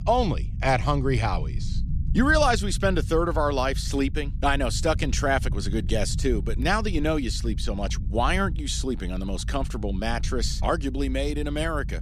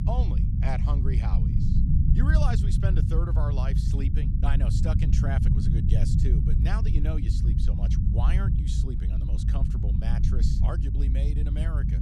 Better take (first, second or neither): first